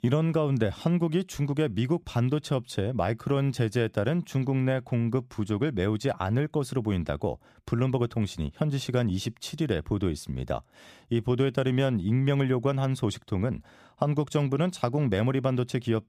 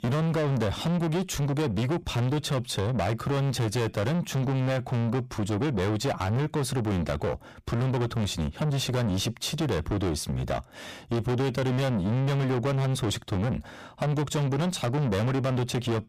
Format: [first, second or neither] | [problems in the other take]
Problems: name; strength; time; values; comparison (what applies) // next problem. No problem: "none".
first | distortion; heavy; 6 dB below the speech